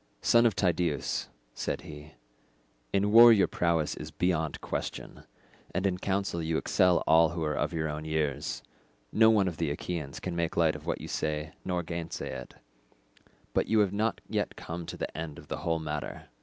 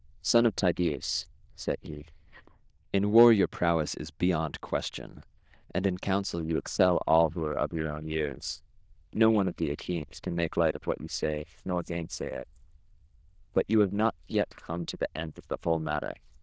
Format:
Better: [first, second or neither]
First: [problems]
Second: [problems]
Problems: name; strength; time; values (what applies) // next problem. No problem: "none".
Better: first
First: none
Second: noise reduction (neural diffusion model UNIVERSE++)